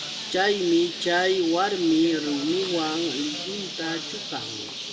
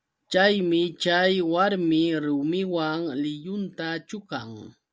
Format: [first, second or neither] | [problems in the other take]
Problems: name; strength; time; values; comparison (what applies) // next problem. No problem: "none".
second | background sound (Bird); 8 dB below the speech // room echo; dies away in 0.9 s